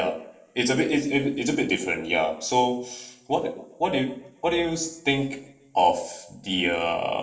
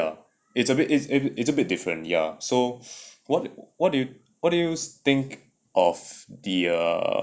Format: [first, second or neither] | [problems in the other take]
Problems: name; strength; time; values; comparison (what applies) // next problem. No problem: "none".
second | room echo; dies away in 0.6 s